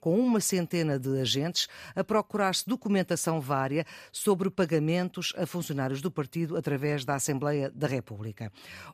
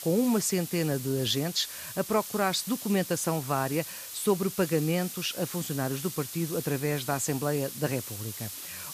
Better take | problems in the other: first | hiss; loud; throughout; 8 dB below the speech

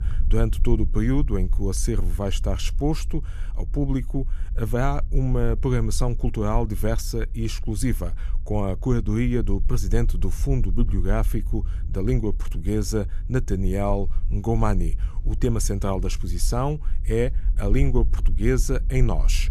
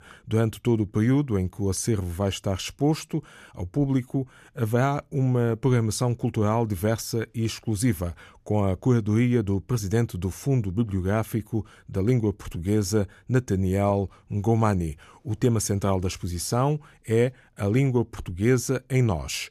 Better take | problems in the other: second | low rumble; faint; throughout; 20 dB below the speech

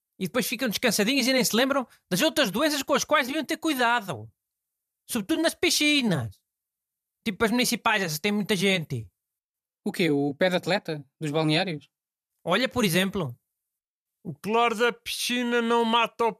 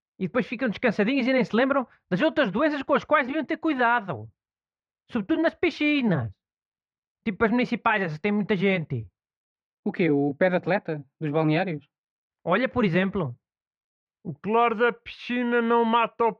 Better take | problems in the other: first | muffled; very; fading above 2 kHz

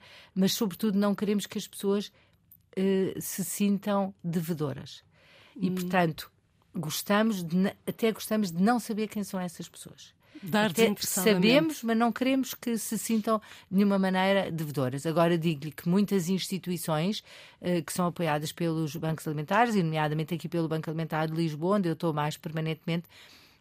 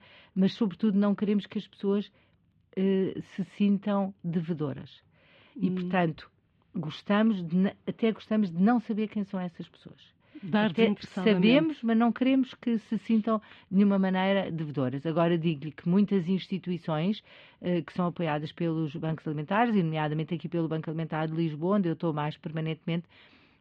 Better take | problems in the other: first | muffled; slightly; fading above 3 kHz

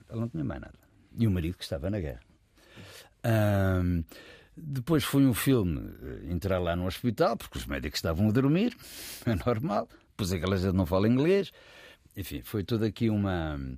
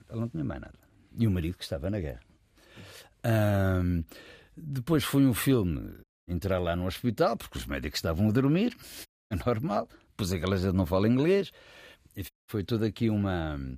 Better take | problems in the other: first | audio cutting out; at 6 s, at 9 s and at 12 s

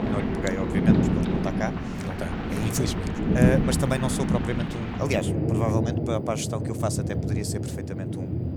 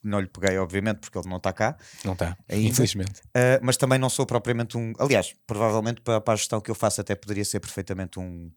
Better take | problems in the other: second | rain or running water; very loud; throughout; 4 dB above the speech

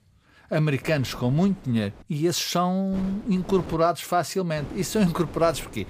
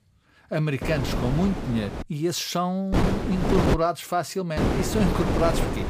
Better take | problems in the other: first | wind noise on the microphone; heavy; from 1 to 2 s, at 3 s and from 4.5 s on; 2 dB below the speech; occasional gusts in the first

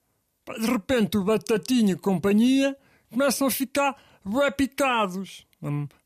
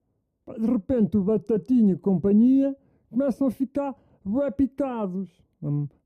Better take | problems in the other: first | muffled; very; fading above 1 kHz

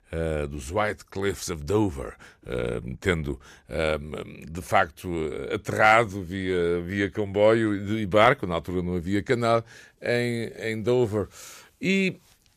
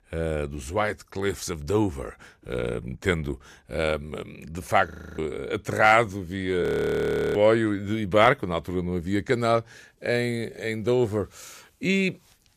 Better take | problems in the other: first | audio freezing; at 5 s and at 6.5 s for 0.5 s

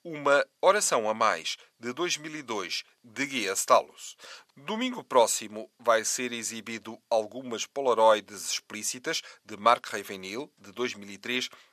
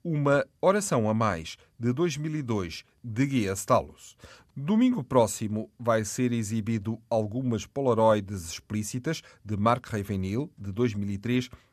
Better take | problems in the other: second | thin; somewhat; fading below 550 Hz

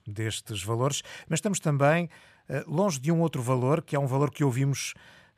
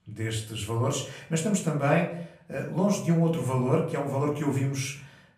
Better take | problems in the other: first | room echo; slight; dies away in 0.4 s // off-mic speech; far

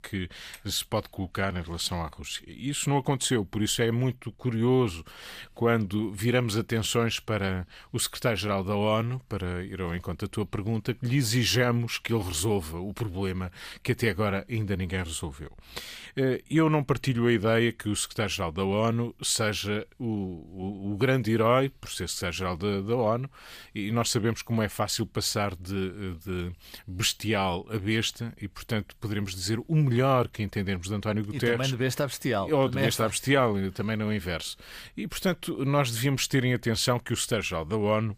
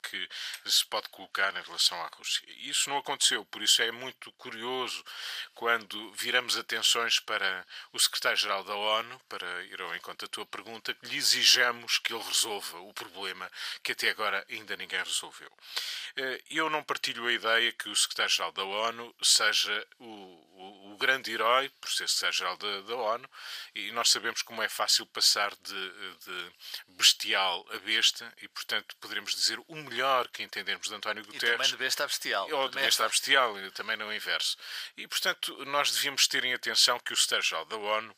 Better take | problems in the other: first | thin; very; fading below 800 Hz

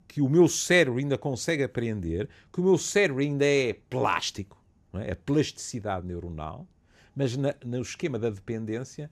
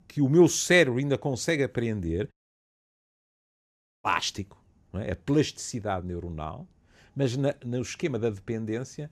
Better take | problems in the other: first | audio cutting out; at 2.5 s for 1.5 s

